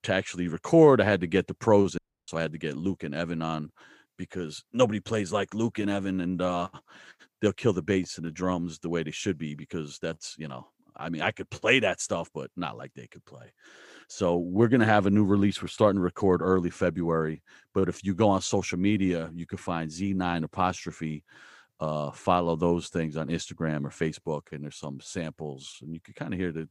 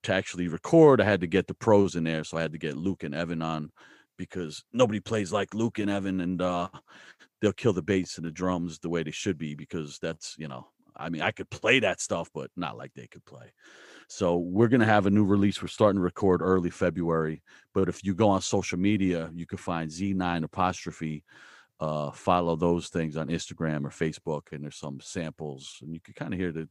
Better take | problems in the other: second | audio cutting out; at 2 s

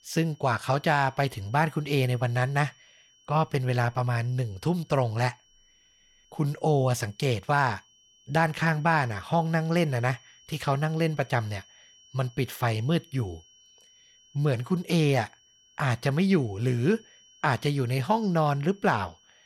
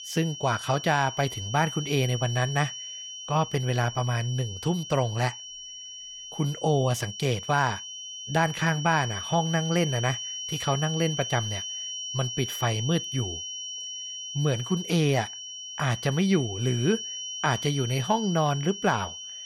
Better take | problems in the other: first | high-pitched whine; loud; throughout; 3 kHz, 7 dB below the speech; faint in the first

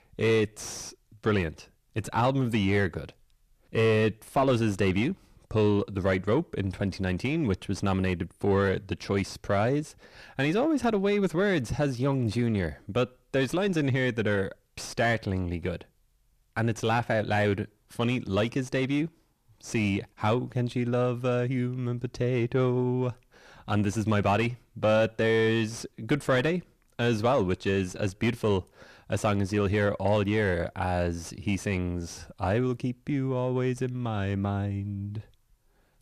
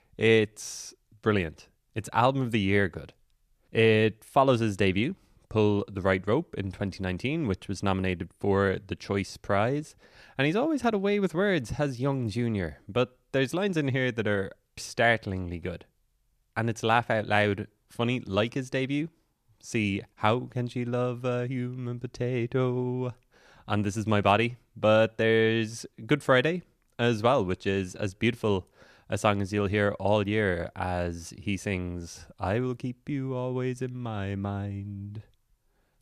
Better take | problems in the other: second | distortion; slight; 10 dB below the speech

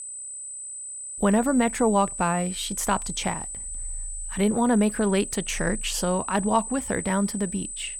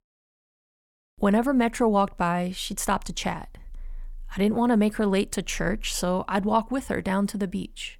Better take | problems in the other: second | high-pitched whine; loud; throughout; 8 kHz, 8 dB below the speech

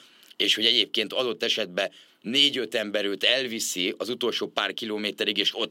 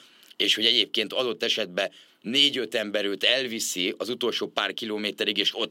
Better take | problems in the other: neither | thin; somewhat; fading below 300 Hz; the same in both

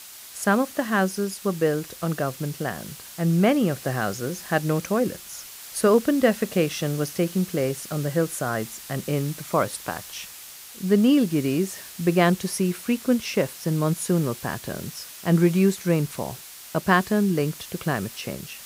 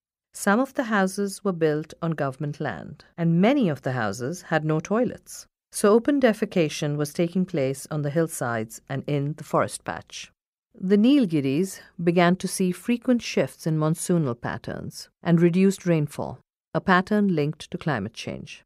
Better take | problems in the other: second | hiss; noticeable; throughout; 15 dB below the speech

